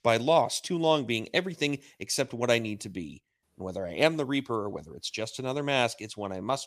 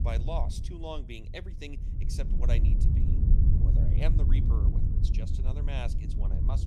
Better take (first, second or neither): first